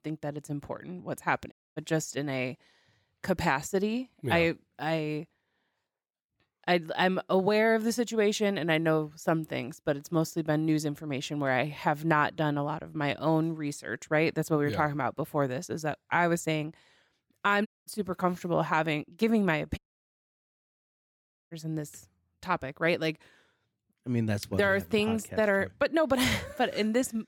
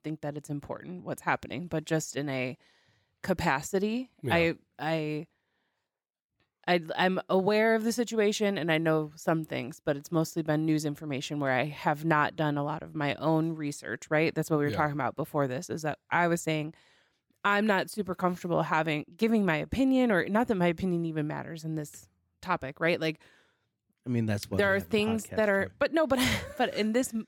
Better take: second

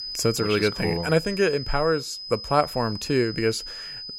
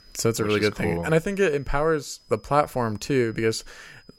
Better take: second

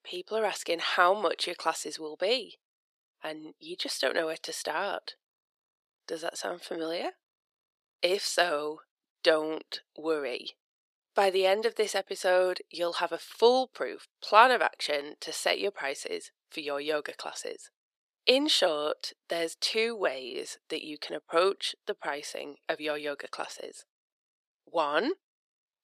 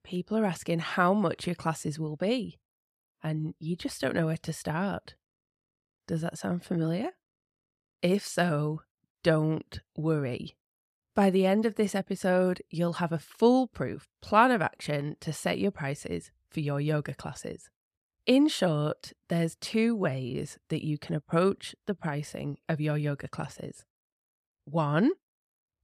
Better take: second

